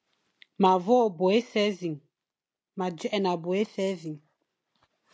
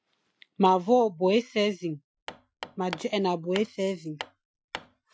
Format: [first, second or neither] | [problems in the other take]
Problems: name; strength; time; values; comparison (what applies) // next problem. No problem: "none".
first | noise reduction (classical method Wiener filter)